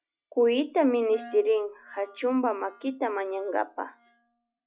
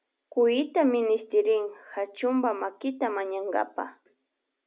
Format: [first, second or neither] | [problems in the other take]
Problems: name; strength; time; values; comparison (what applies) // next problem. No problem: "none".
second | noise reduction (classical method log-MMSE)